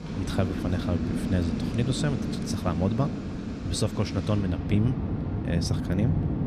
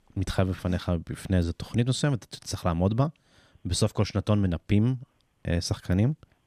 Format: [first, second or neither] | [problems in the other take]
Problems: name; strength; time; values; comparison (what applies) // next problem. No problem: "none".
second | rain or running water; loud; throughout; 1 dB below the speech